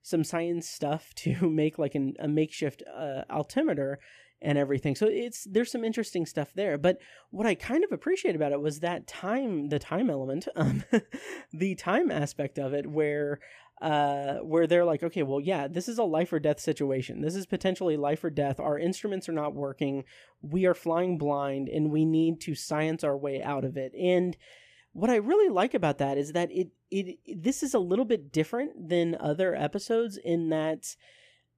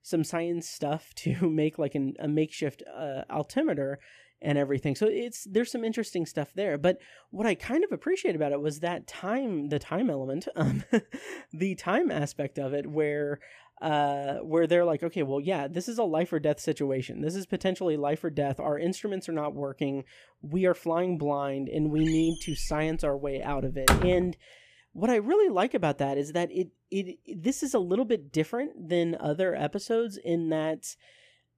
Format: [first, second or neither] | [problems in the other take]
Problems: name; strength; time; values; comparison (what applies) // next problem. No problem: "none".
first | door banging; loud; from 22 to 24 s; peak 5 dB above the speech